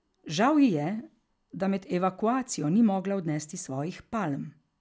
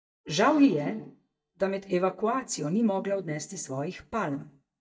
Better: first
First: none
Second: noise reduction (neural mask model DeepFilterNet 3)

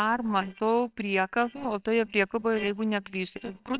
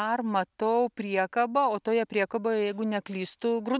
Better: second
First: noise reduction (neural separator model SepFormer WHAMR!)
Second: none

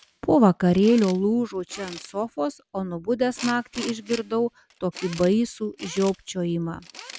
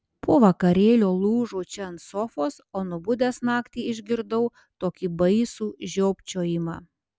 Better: second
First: background sound (Tools); 19 dB below the speech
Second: none

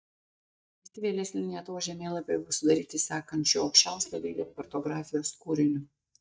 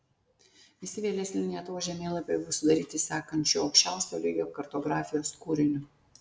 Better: second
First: noise reduction (neural mask model DeepFilterNet 3)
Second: none

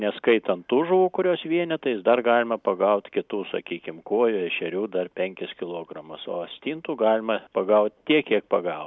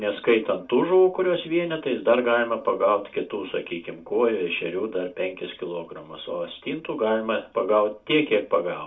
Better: first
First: none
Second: room echo; dies away in 0.2 s

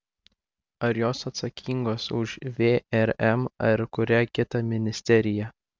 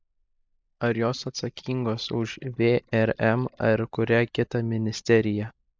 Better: first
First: none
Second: noise reduction (neural mask model Resemble Enhance denoiser)

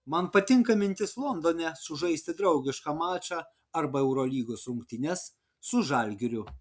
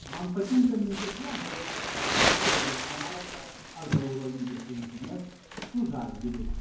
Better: first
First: none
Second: background sound (Crumpling, crinkling); as loud as the speech // room echo; dies away in 0.9 s

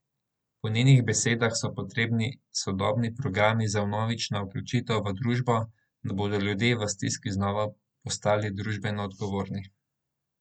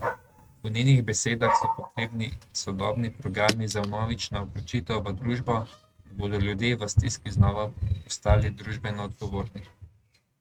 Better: first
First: none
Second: noise reduction (neural mask model RNNoise)

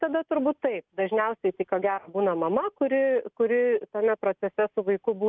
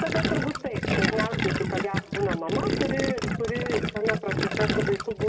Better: first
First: none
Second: background sound (Gurgling); 2 dB above the speech // room echo; dies away in 0.9 s

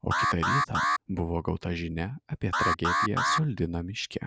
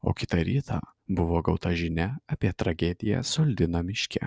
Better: second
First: background sound (Alarm); 2 dB above the speech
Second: none

